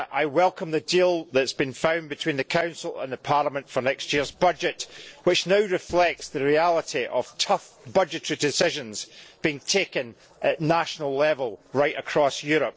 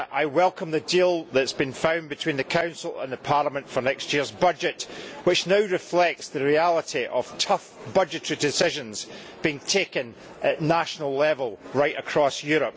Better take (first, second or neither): second